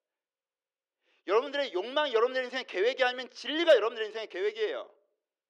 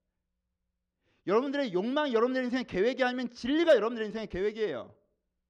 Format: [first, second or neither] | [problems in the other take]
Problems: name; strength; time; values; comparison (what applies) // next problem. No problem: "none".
second | thin; somewhat; fading below 350 Hz